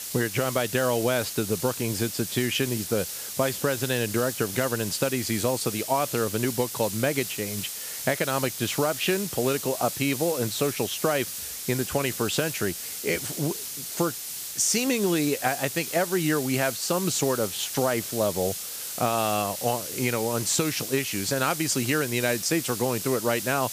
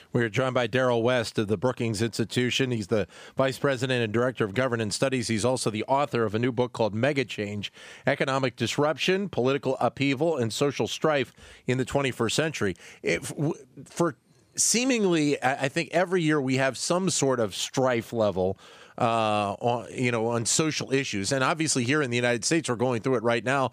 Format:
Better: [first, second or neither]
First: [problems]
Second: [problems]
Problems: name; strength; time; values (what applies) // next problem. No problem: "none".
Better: second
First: hiss; loud; throughout; 5 dB below the speech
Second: none